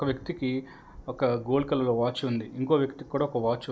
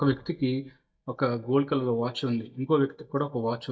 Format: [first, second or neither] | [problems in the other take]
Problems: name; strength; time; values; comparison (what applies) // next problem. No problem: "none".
first | noise reduction (neural mask model DeepFilterNet 3)